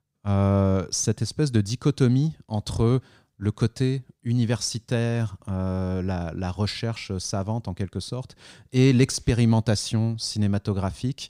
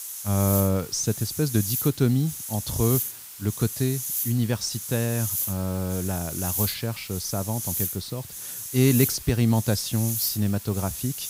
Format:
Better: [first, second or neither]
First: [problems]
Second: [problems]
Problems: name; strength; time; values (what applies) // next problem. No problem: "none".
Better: first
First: none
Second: hiss; loud; throughout; 4 dB below the speech